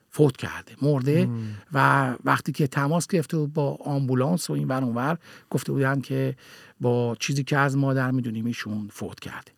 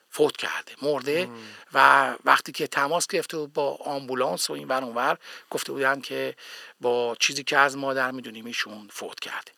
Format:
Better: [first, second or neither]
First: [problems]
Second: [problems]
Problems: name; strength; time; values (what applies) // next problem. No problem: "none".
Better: first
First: none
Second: thin; very; fading below 550 Hz